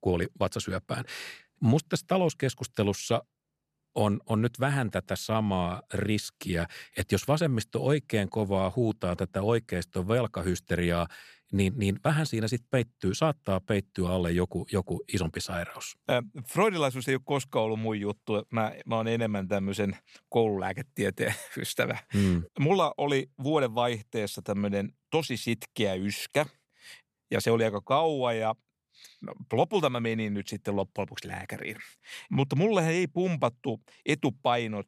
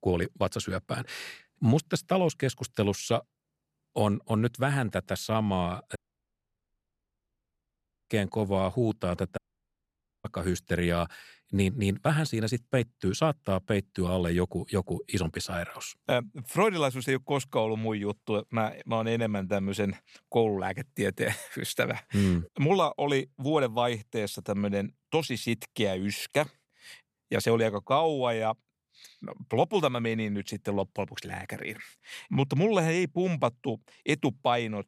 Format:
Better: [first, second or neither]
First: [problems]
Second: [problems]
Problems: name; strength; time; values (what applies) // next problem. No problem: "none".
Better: first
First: none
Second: audio cutting out; at 6 s for 2 s and at 9.5 s for 1 s